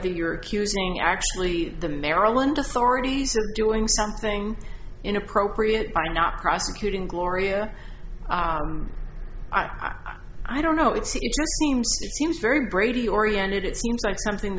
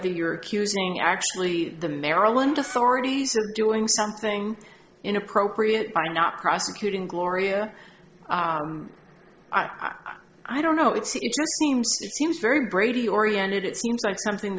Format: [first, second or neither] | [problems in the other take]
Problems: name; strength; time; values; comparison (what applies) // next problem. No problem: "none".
first | noise reduction (neural separator model SepFormer DNS4)